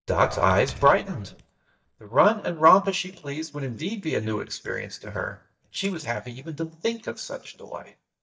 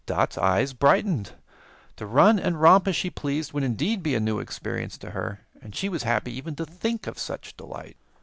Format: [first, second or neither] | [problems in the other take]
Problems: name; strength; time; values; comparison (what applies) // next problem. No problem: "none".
second | noise reduction (neural mask model DeepFilterNet 3)